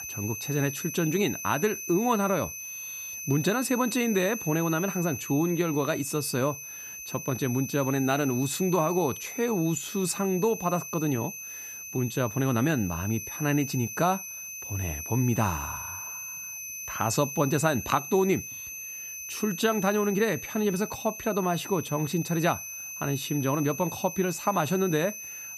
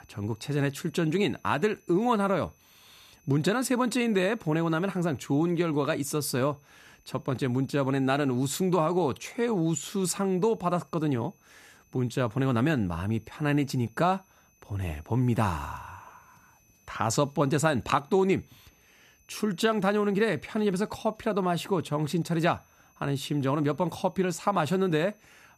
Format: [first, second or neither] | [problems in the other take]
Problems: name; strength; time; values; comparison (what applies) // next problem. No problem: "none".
second | high-pitched whine; loud; throughout; 6 kHz, 8 dB below the speech; faint in the second